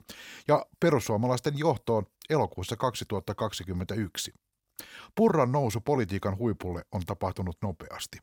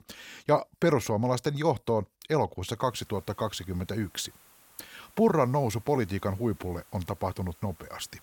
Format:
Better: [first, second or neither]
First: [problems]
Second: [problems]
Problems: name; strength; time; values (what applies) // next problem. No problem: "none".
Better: first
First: none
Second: hiss; faint; from 3 s on; 25 dB below the speech